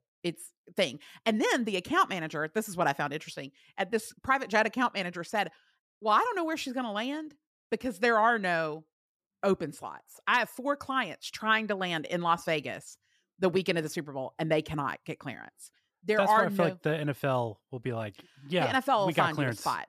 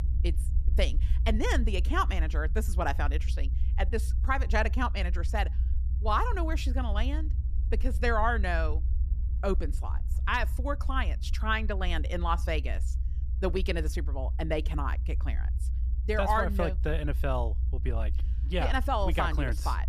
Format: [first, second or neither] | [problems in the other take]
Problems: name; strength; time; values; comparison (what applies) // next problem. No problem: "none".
first | low rumble; noticeable; throughout; 20 dB below the speech